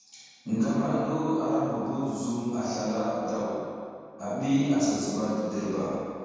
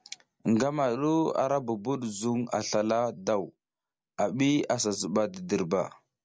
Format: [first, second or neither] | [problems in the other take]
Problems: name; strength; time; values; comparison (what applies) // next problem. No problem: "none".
second | room echo; dies away in 2.1 s